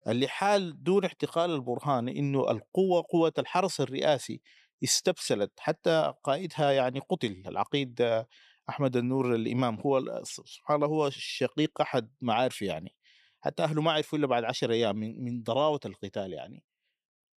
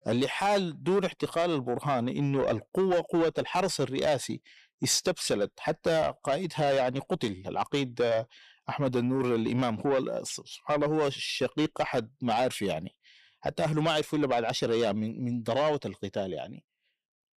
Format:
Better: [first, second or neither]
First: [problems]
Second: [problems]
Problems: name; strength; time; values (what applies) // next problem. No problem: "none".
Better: first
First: none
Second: distortion; slight; 10 dB below the speech